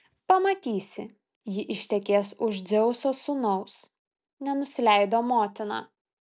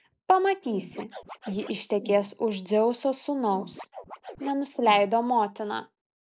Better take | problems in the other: first | noise reduction (neural mask model Resemble Enhance denoiser)

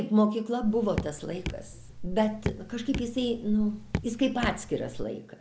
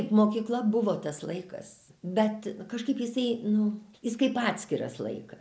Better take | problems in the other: second | background sound (Raindrop / Drip); 7 dB below the speech

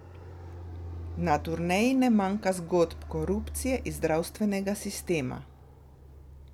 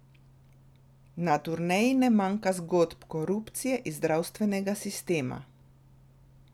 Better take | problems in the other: second | background sound (Fixed-wing aircraft, airplane); 13 dB below the speech

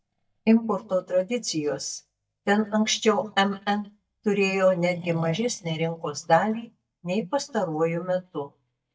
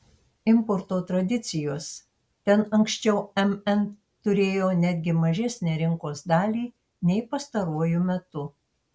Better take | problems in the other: second | noise reduction (neural mask model DeepFilterNet 3)

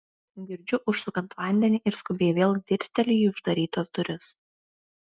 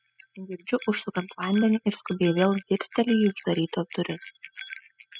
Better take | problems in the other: first | noise reduction (classical method spectral subtraction)

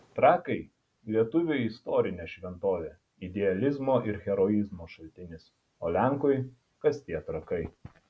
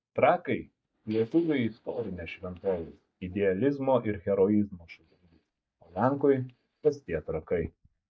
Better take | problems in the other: first | noise reduction (neural mask model DeepFilterNet 3)

